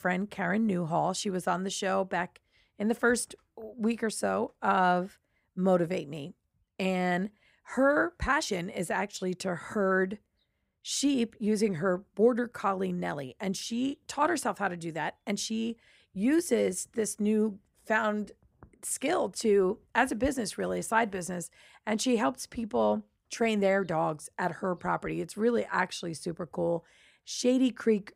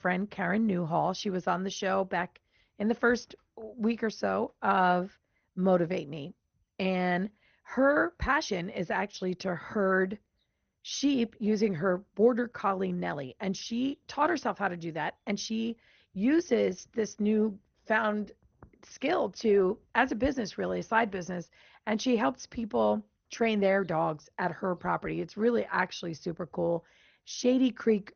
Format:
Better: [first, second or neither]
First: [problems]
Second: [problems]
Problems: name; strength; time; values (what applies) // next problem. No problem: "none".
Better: first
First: none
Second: garbled, watery; slightly; nothing above 6.5 kHz